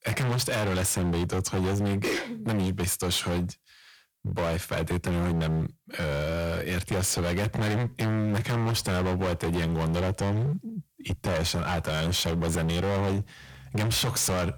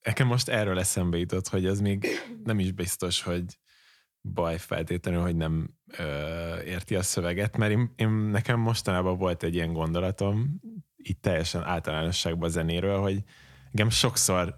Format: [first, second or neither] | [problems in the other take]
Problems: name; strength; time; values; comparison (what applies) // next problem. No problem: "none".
second | distortion; heavy; 34% of the sound clipped